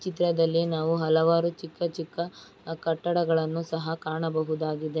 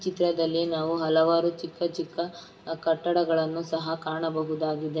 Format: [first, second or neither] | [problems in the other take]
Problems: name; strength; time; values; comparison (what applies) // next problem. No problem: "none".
first | room echo; dies away in 1.7 s